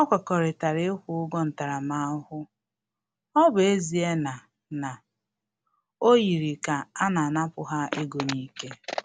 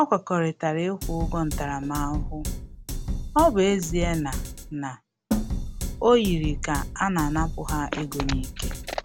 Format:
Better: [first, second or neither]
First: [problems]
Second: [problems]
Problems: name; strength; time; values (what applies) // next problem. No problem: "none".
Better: first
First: none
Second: background sound (Snare drum + Drum kit); 4 dB below the speech